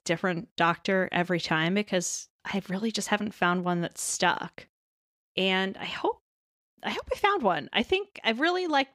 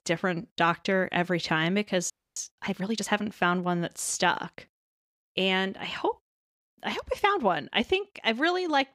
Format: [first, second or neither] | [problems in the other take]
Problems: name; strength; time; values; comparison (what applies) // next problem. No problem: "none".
first | audio freezing; at 2 s